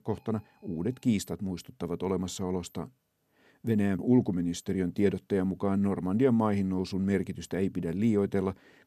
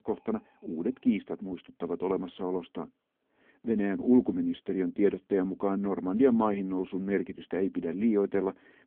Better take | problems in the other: first | phone-call audio; poor line; nothing above 3.5 kHz

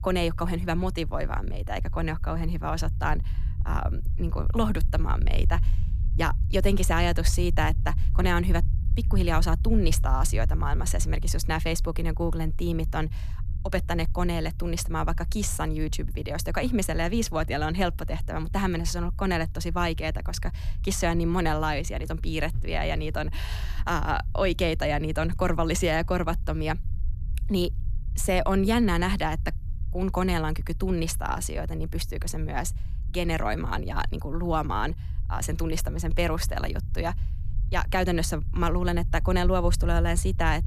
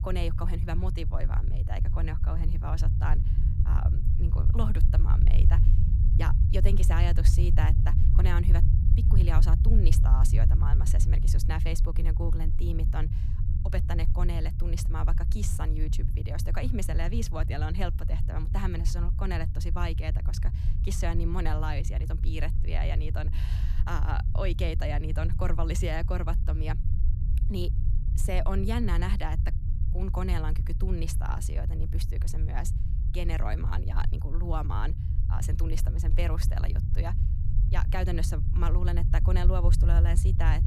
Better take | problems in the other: first | low rumble; loud; throughout; 7 dB below the speech; faint in the first

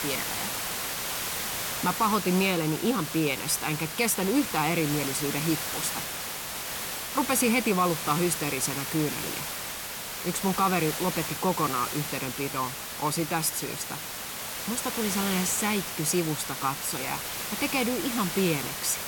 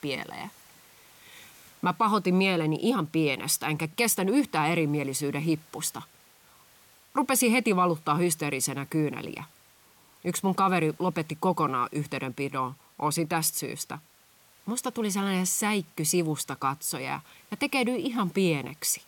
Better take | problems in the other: second | hiss; loud; throughout; 3 dB below the speech; faint in the second

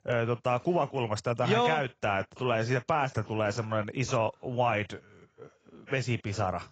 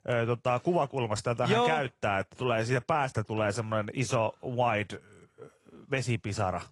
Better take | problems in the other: second | garbled, watery; badly; nothing above 7.5 kHz; slightly in the second

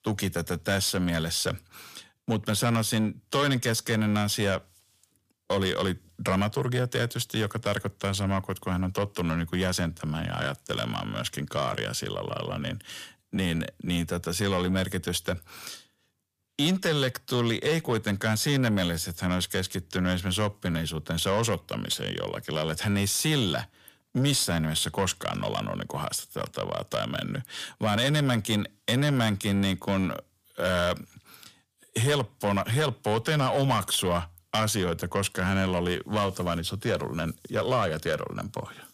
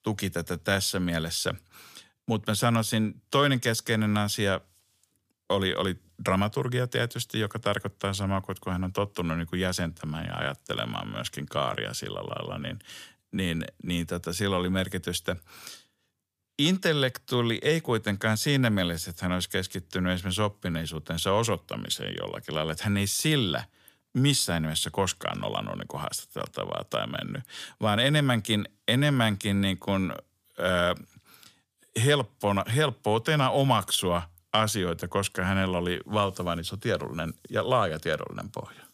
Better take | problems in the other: second | distortion; slight; 10 dB below the speech

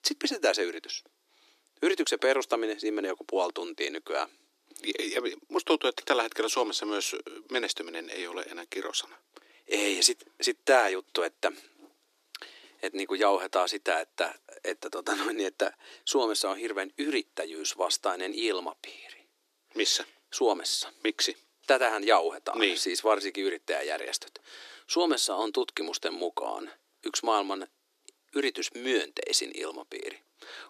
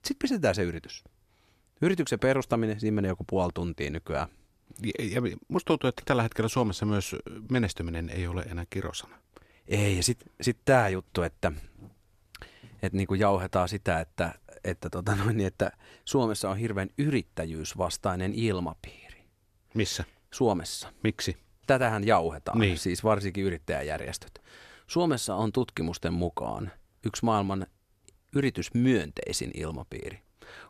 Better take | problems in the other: second | thin; somewhat; fading below 300 Hz

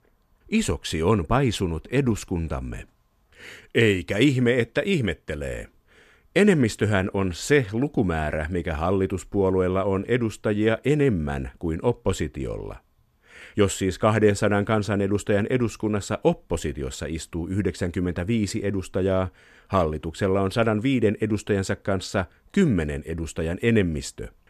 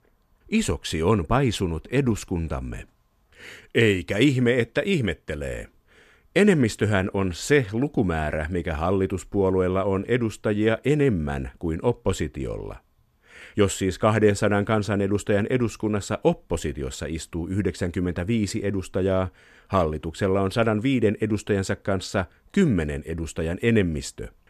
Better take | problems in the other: neither | none

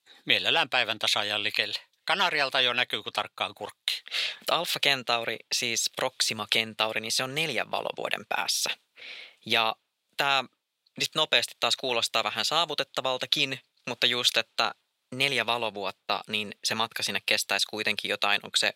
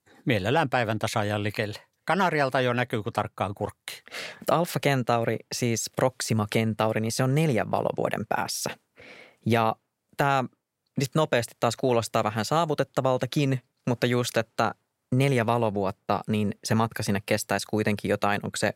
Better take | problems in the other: second | thin; somewhat; fading below 1 kHz

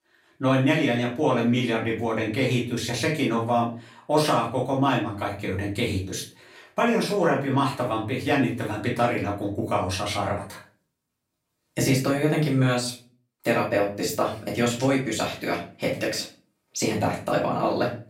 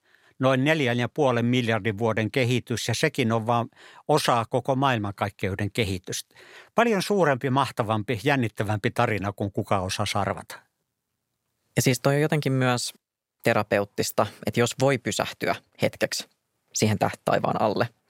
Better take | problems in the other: second | off-mic speech; far // room echo; slight; dies away in 0.3 s

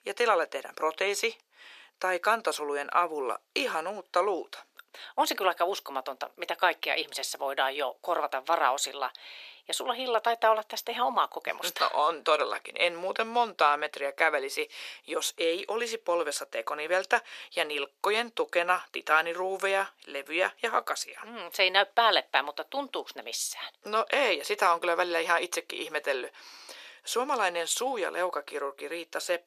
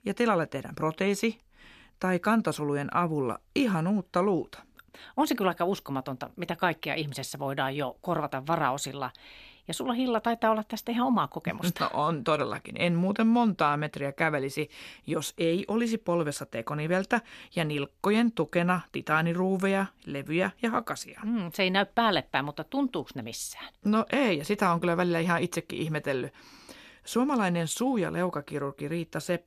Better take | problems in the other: second | thin; very; fading below 450 Hz

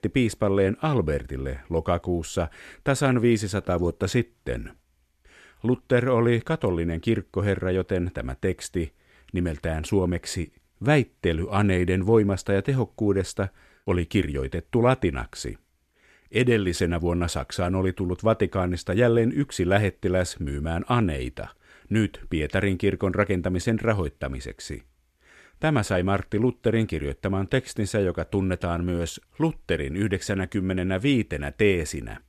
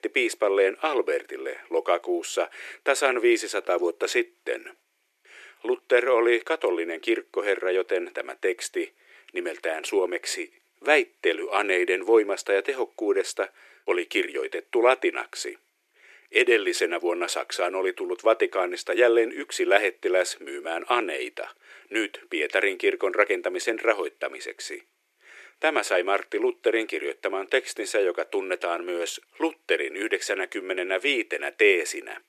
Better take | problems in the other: first | thin; very; fading below 350 Hz

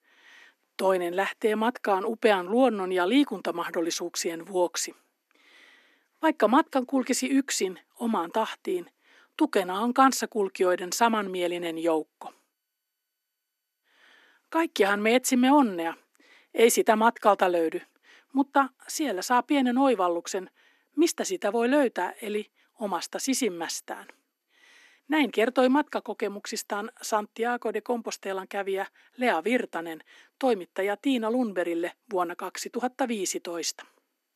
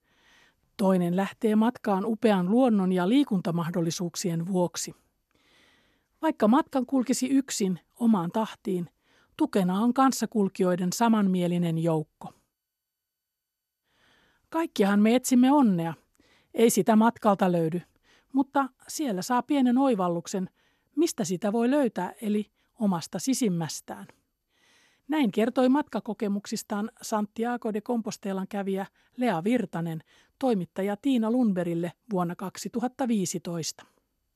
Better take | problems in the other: second | thin; very slightly; fading below 250 Hz

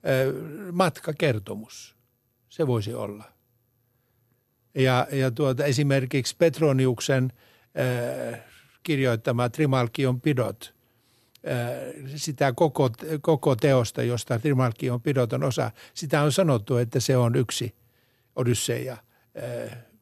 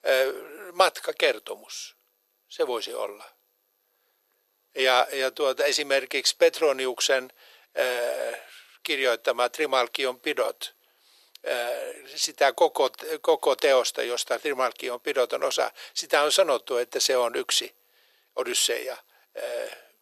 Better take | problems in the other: first | thin; very; fading below 450 Hz

